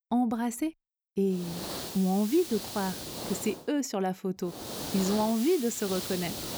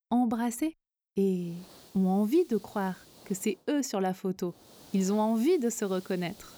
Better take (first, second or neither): second